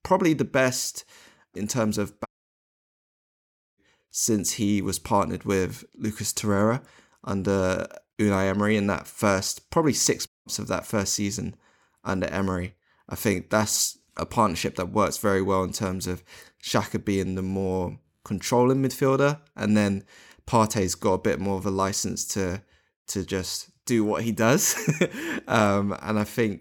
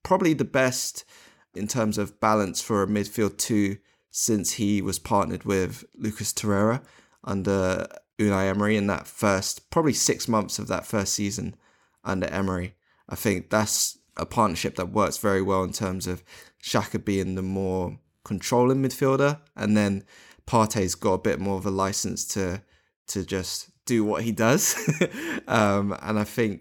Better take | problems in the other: second | audio cutting out; at 2.5 s for 1.5 s and at 10 s

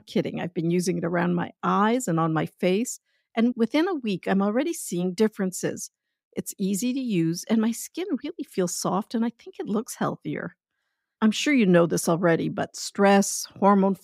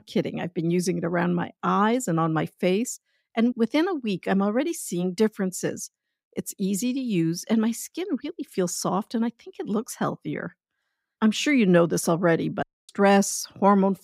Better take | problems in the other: first | audio cutting out; at 13 s

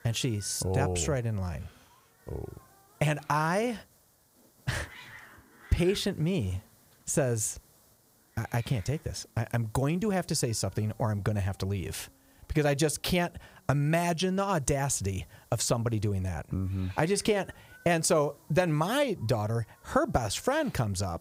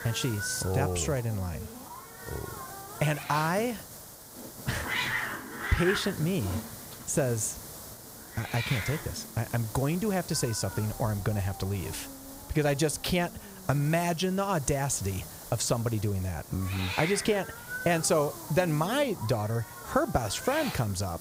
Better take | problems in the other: first | hiss; loud; throughout; 9 dB below the speech; faint in the first

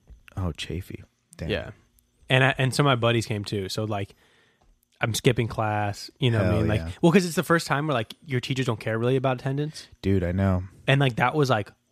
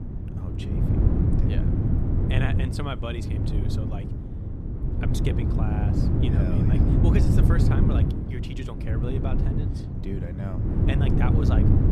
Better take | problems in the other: first | wind noise on the microphone; heavy; 2 dB above the speech

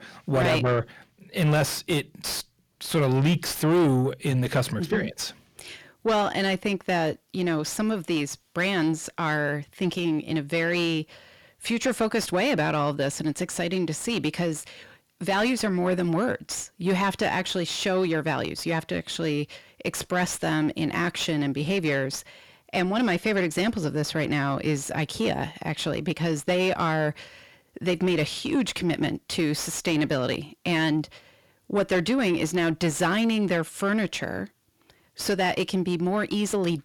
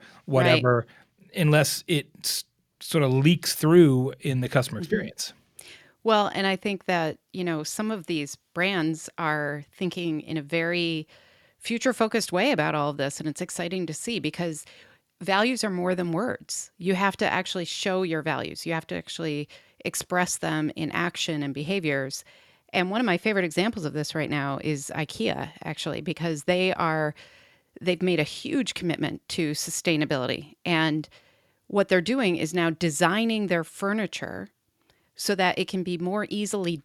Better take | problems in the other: second | distortion; heavy; 8 dB below the speech

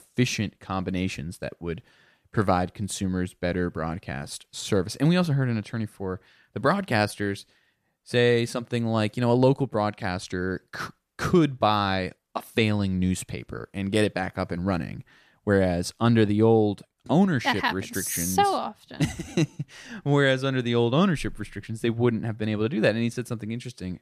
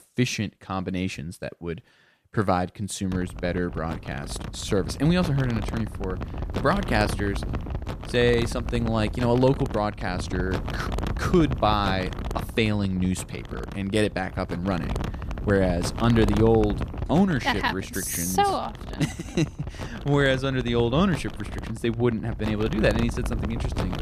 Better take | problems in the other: first | wind noise on the microphone; occasional gusts; from 3 s on; 10 dB below the speech

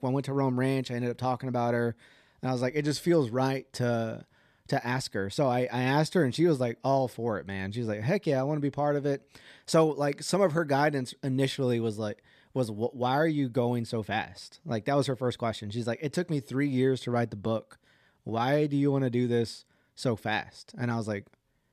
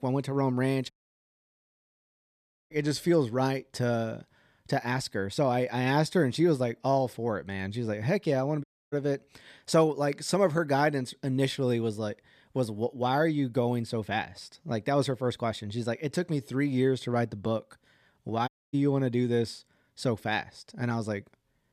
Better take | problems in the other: first | audio cutting out; at 1 s for 2 s, at 8.5 s and at 18 s

